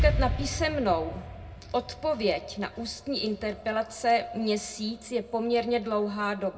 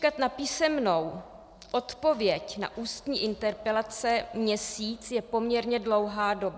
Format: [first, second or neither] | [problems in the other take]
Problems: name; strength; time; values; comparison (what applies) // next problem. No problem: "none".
second | background sound (Explosion); 6 dB below the speech // room echo; dies away in 0.2 s